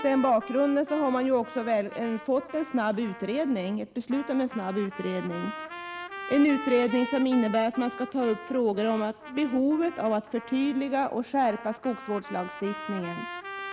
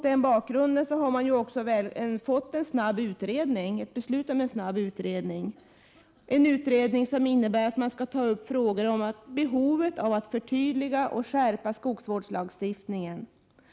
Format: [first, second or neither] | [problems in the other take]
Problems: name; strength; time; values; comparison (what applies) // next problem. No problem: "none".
second | background sound (Trumpet); 13 dB below the speech